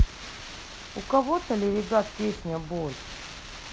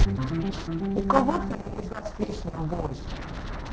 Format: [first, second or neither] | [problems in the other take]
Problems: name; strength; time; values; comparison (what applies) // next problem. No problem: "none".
first | noise reduction (neural separator model SepFormer DNS4)